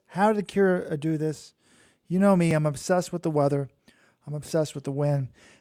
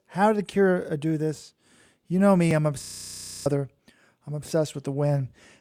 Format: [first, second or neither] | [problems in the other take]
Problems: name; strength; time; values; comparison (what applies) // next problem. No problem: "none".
first | audio freezing; at 3 s for 0.5 s